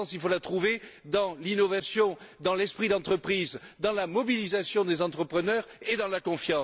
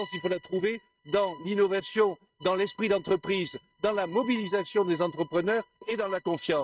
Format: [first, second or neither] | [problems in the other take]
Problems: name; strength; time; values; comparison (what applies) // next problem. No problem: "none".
first | noise reduction (neural mask model RNNoise)